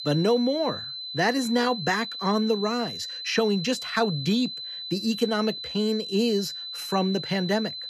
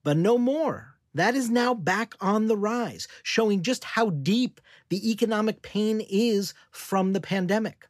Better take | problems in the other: second | high-pitched whine; loud; throughout; 4 kHz, 7 dB below the speech

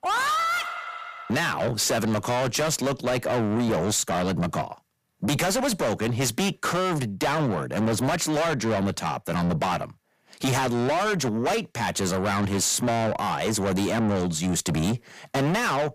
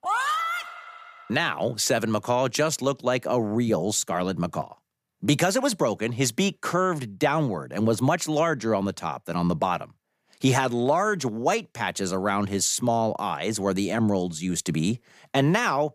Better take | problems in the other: second | distortion; heavy; 6 dB below the speech

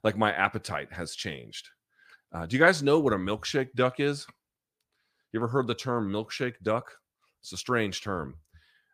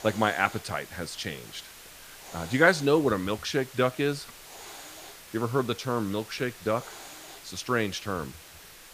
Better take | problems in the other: first | hiss; noticeable; throughout; 15 dB below the speech

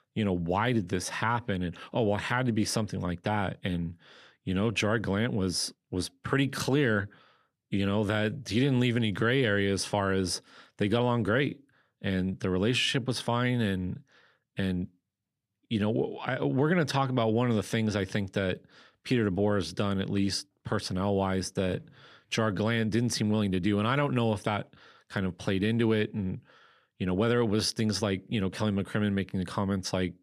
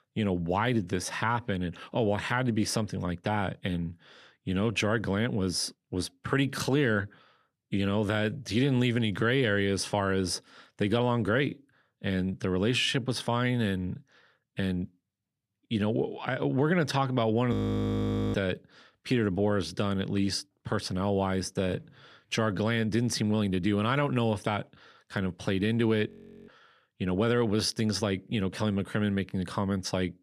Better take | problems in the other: first | audio freezing; at 18 s for 1 s and at 26 s

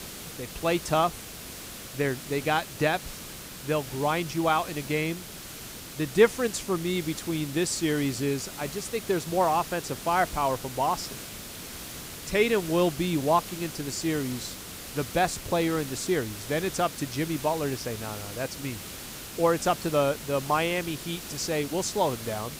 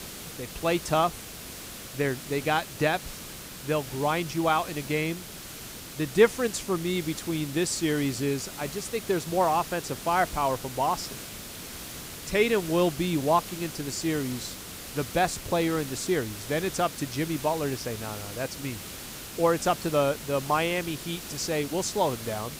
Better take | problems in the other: neither | hiss; noticeable; throughout; 10 dB below the speech; the same in both

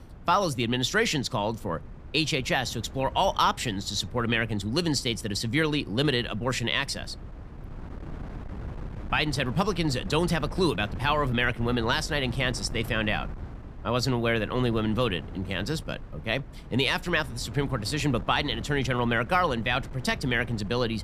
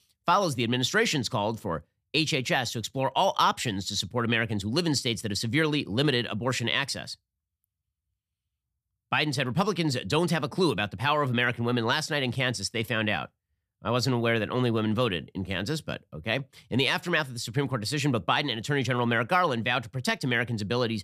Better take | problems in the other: second | wind noise on the microphone; occasional gusts; 20 dB below the speech

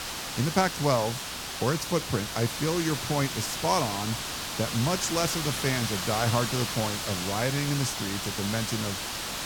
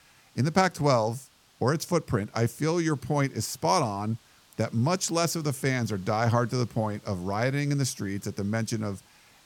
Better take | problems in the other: second | hiss; loud; throughout; 2 dB below the speech; faint in the second

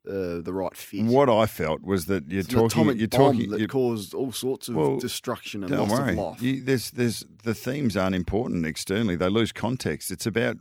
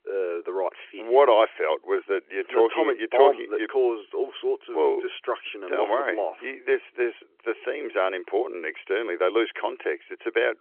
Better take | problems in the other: first | phone-call audio; nothing above 3 kHz

